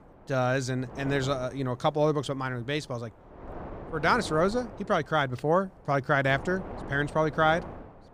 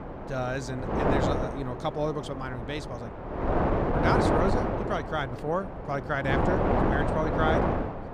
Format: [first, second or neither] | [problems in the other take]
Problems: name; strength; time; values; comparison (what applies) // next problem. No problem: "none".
first | wind noise on the microphone; heavy; 3 dB above the speech; occasional gusts in the first